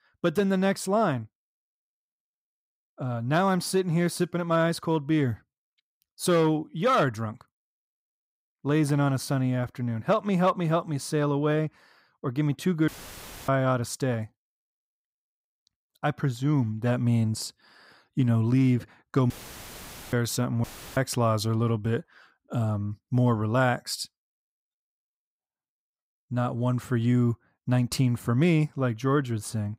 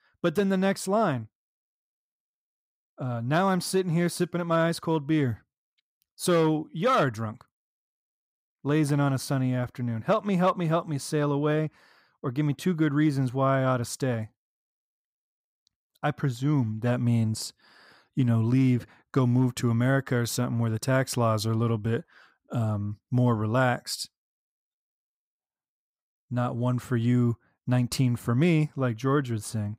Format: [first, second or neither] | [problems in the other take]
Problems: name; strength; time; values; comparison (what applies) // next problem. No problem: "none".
second | audio cutting out; filled with static; at 13 s for 0.5 s, at 19 s for 1 s and at 21 s